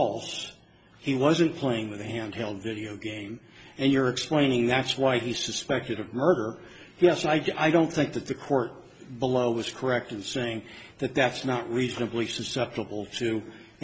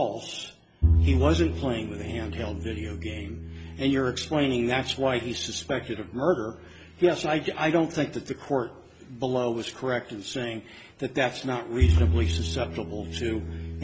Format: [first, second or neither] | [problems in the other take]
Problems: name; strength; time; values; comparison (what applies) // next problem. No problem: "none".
first | background sound (Bowed string instrument); 2 dB below the speech